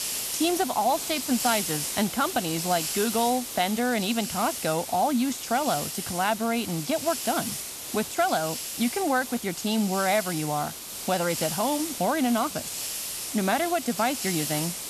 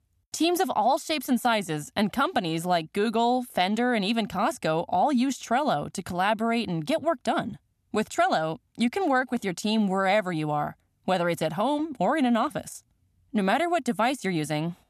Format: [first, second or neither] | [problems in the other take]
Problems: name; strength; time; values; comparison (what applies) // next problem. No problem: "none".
second | hiss; loud; throughout; 4 dB below the speech